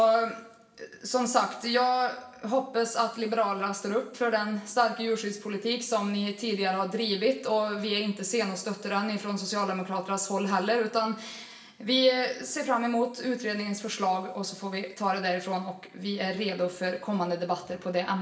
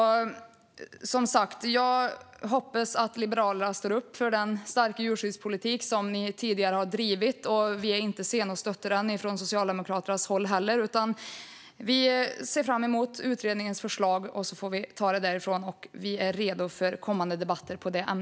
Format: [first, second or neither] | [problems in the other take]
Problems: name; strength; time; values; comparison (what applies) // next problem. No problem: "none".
second | room echo; dies away in 1 s